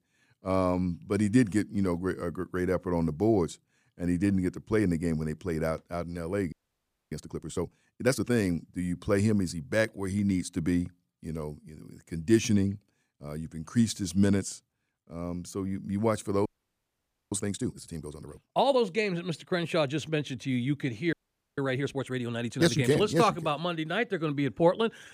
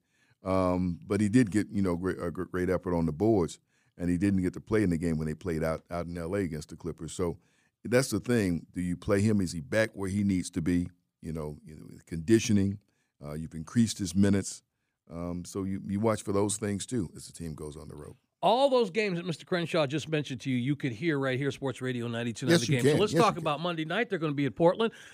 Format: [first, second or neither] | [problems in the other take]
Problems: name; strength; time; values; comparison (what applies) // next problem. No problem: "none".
second | audio freezing; at 6.5 s for 0.5 s, at 16 s for 1 s and at 21 s